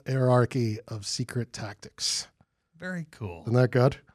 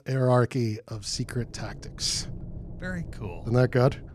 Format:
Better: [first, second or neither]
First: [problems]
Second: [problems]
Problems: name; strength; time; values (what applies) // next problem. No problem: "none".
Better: first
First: none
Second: low rumble; faint; from 1 s on; 20 dB below the speech